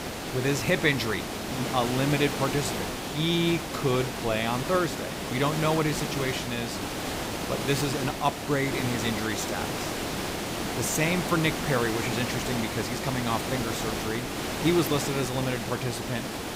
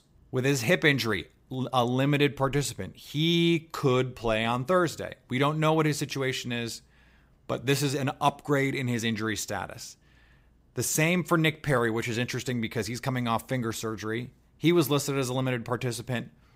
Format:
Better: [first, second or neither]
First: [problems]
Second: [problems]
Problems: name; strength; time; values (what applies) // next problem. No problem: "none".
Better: second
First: hiss; loud; throughout; 3 dB below the speech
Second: none